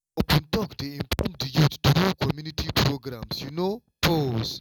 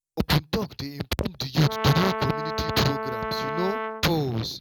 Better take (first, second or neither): first